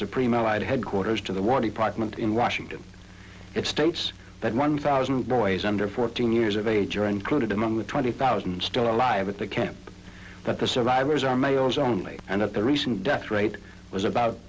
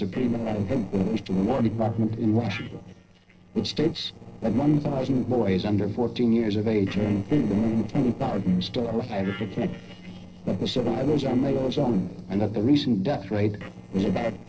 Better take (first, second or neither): first